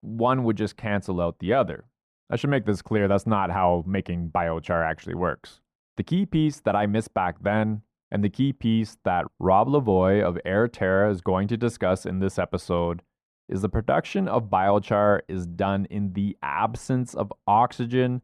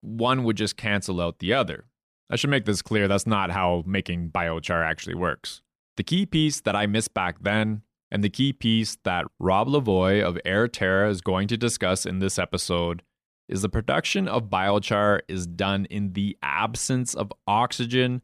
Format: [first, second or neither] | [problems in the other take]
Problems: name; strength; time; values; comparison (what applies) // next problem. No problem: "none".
second | muffled; very; fading above 2 kHz